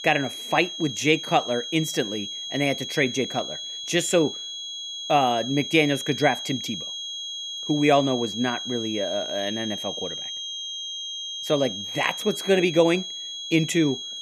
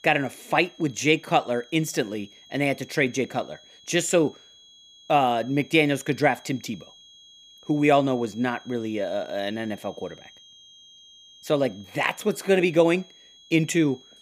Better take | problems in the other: second | high-pitched whine; loud; throughout; 3.5 kHz, 7 dB below the speech; faint in the second

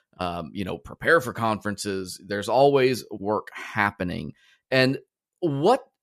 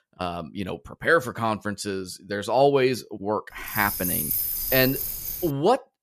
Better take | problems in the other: first | jangling keys; loud; from 3.5 to 5.5 s; peak 2 dB above the speech

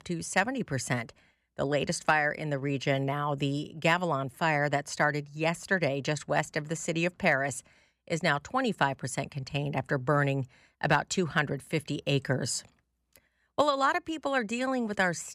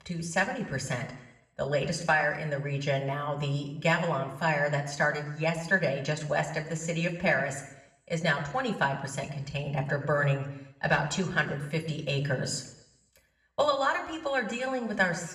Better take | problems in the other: first | room echo; slight; dies away in 0.8 s // off-mic speech; somewhat distant

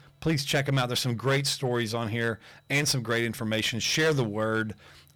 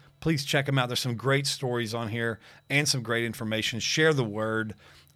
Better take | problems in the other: second | distortion; slight; 7% of the sound clipped

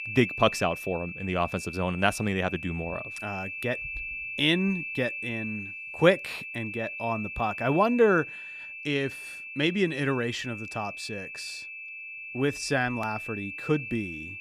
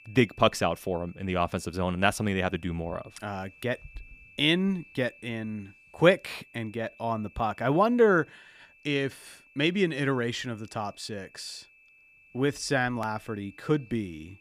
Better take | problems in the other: second | high-pitched whine; loud; throughout; 2.5 kHz, 8 dB below the speech; faint in the second

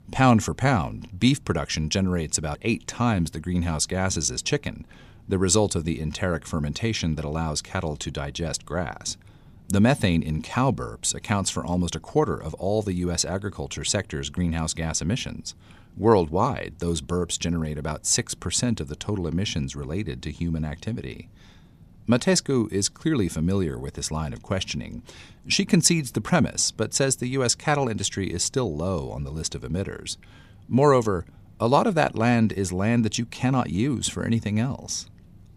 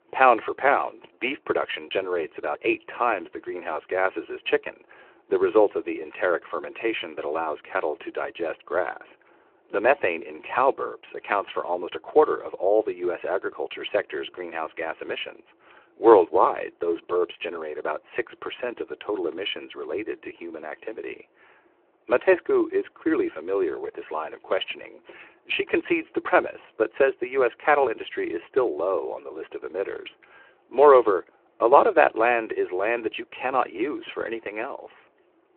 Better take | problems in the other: first | phone-call audio

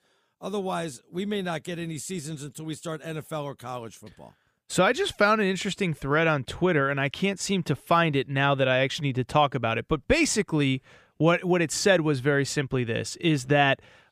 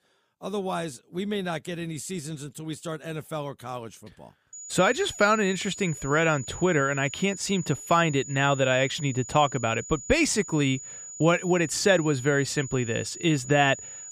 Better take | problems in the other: first | high-pitched whine; noticeable; from 4.5 s on; 7 kHz, 15 dB below the speech

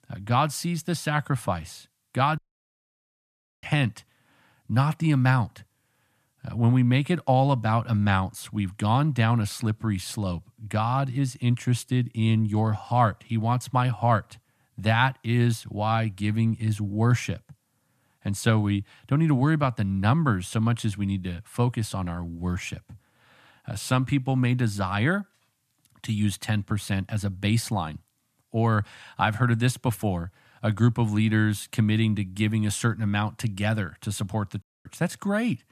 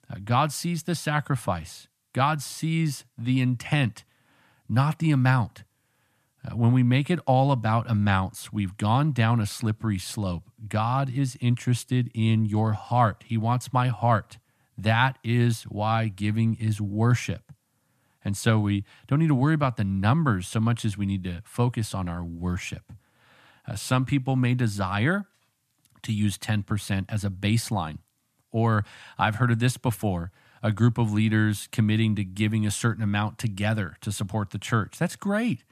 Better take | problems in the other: second | audio cutting out; at 2.5 s for 1.5 s and at 35 s

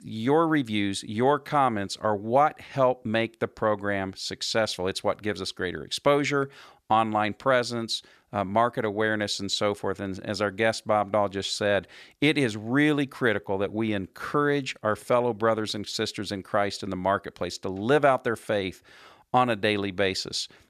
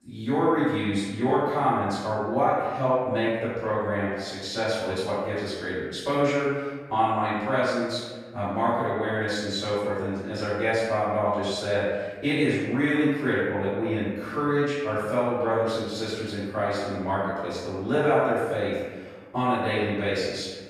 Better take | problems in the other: first | off-mic speech; far // room echo; strong; dies away in 1.3 s

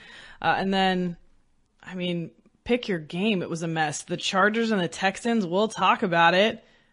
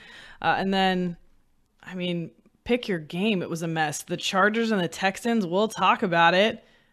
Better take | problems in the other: second | garbled, watery; slightly; nothing above 10.5 kHz

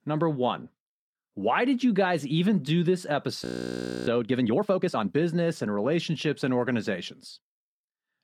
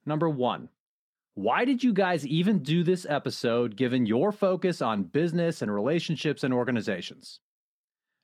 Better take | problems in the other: second | audio freezing; at 3.5 s for 0.5 s

